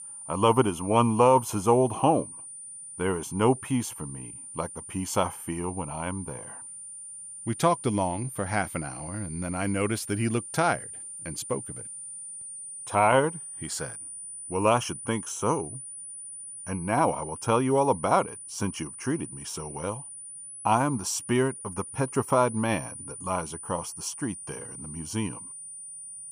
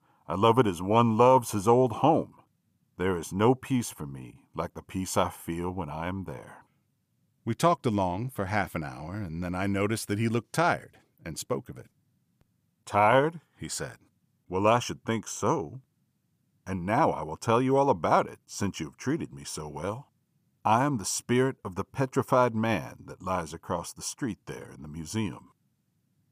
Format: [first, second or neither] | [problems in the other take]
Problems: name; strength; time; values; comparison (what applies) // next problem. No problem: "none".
second | high-pitched whine; noticeable; throughout; 9 kHz, 10 dB below the speech